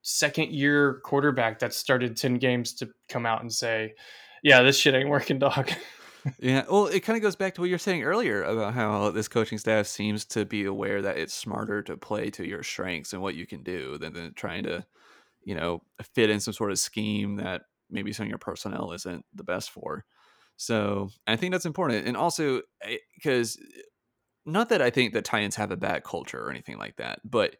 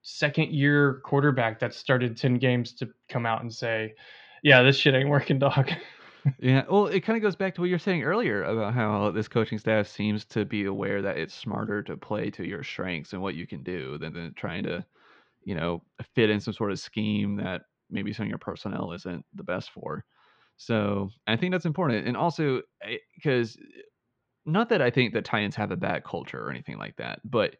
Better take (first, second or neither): first